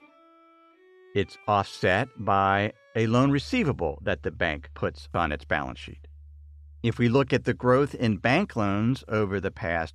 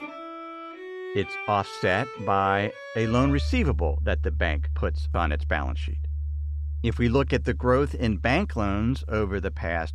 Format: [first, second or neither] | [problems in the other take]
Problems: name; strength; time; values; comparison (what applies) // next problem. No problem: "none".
first | background music; loud; throughout; 6 dB below the speech; faint in the first